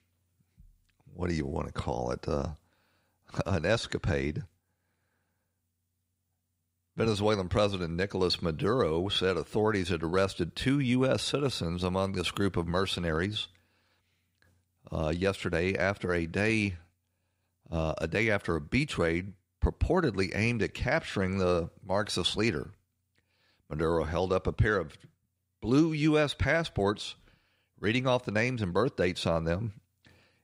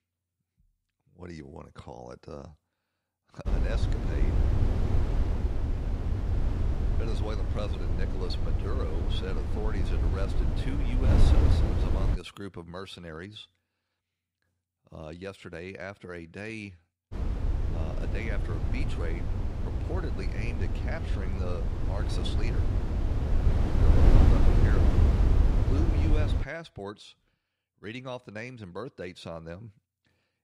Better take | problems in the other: first | wind noise on the microphone; heavy; from 3.5 to 12 s and from 17 to 26 s; 1 dB above the speech

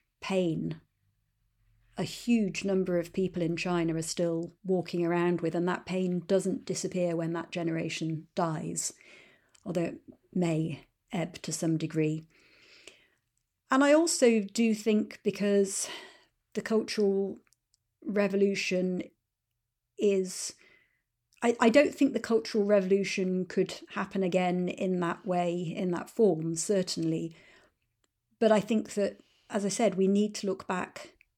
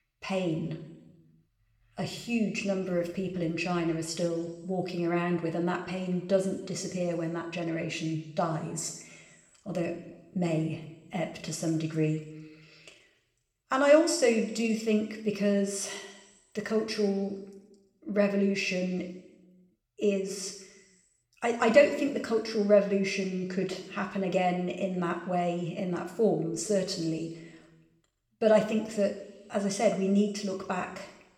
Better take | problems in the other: first | room echo; slight; dies away in 0.9 s // off-mic speech; somewhat distant

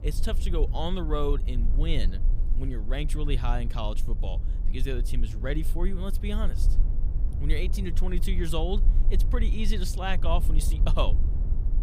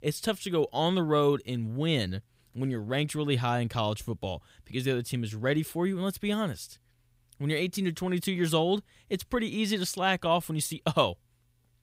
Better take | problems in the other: second | low rumble; noticeable; throughout; 15 dB below the speech

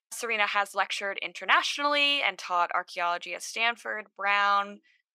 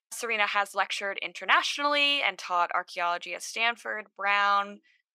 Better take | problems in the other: neither | thin; very; fading below 650 Hz; the same in both

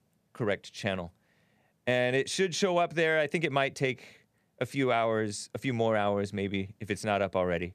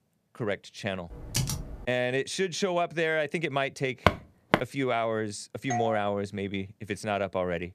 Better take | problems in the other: first | keyboard typing; loud; at 1 s; peak level with the speech // footsteps; loud; at 4 s; peak 3 dB above the speech // doorbell; noticeable; at 5.5 s; peak 2 dB below the speech

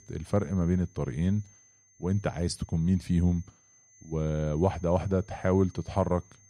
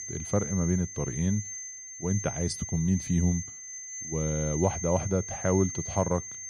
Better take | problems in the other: first | high-pitched whine; loud; throughout; 6.5 kHz, 7 dB below the speech; faint in the first

